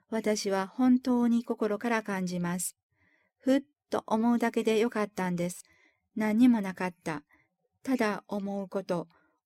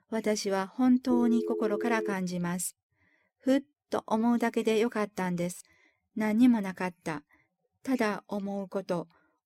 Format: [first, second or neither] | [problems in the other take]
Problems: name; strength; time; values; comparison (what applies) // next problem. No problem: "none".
first | phone ringing; noticeable; from 1 to 2 s; peak 4 dB below the speech